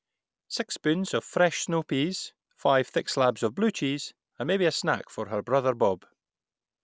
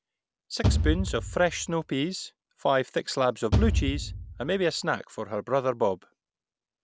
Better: first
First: none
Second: background sound (Bass drum / Thump, thud); 1 dB above the speech

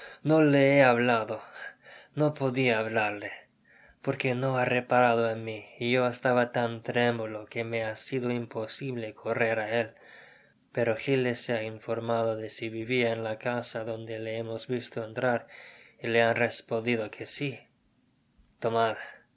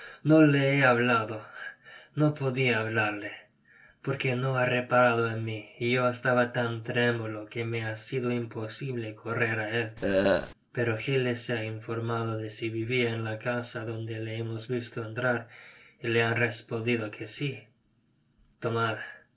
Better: first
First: none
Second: noise reduction (neural separator model SepFormer DNS4)

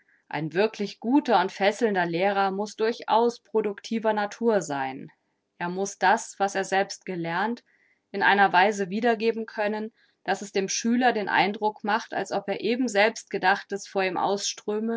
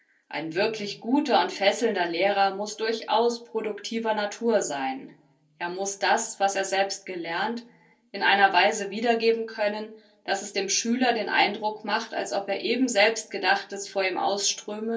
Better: first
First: none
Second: room echo; dies away in 0.3 s

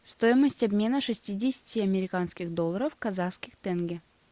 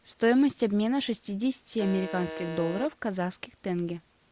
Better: first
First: none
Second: background sound (Alarm); 10 dB below the speech

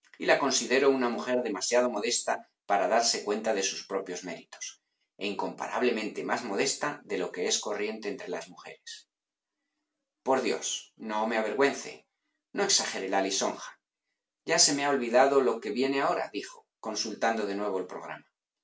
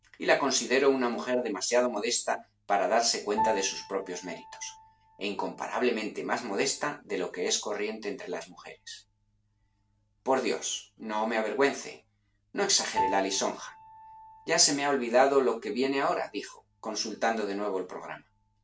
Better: first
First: none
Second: background sound (Piano); 13 dB below the speech

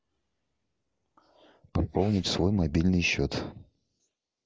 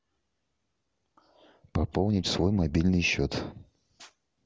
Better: second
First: noise reduction (neural mask model Resemble Enhance denoiser)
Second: none

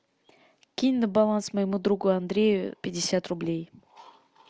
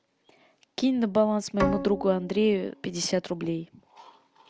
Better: first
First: none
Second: background sound (Bowed string instrument); 8 dB below the speech

